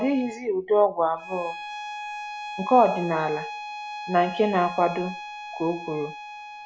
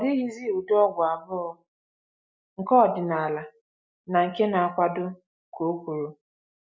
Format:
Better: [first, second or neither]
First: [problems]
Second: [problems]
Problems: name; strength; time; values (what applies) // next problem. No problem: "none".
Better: second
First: background sound (Bowed string instrument); 11 dB below the speech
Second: none